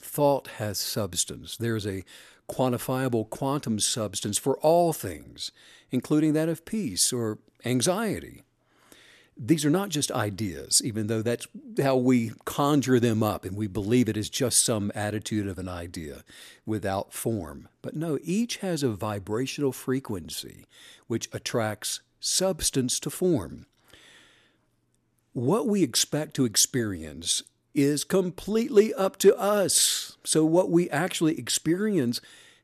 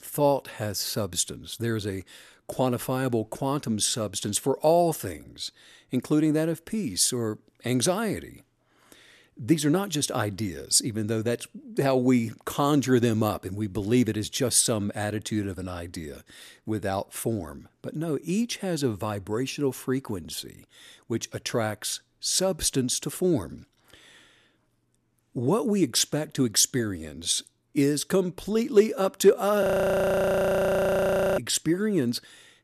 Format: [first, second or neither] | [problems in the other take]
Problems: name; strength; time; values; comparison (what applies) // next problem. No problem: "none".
first | audio freezing; at 30 s for 2 s